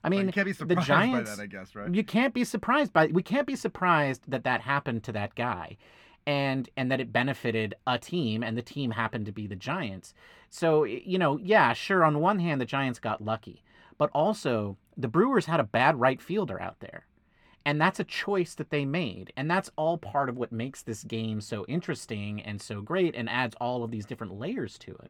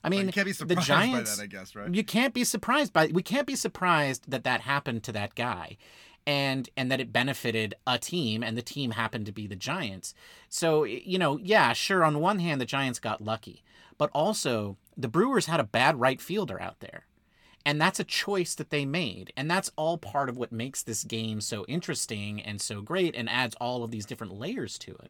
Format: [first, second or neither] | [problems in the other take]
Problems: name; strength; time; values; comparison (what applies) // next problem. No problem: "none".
second | muffled; slightly; fading above 3.5 kHz